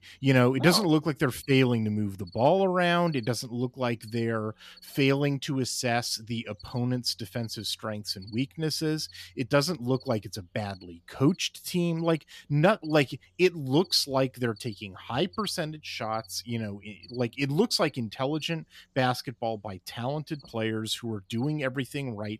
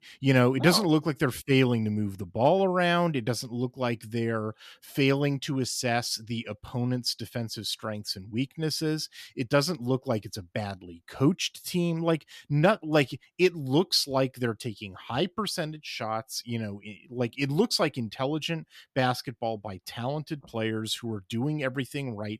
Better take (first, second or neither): second